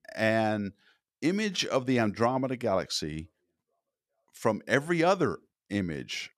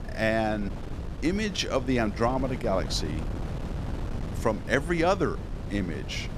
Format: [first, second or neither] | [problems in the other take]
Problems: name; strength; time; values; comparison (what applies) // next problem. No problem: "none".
first | wind noise on the microphone; occasional gusts; 15 dB below the speech